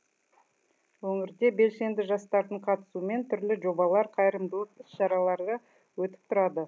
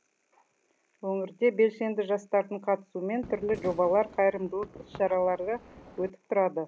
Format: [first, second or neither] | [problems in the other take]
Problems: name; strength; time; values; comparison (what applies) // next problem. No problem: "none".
first | background sound (Fireworks); 17 dB below the speech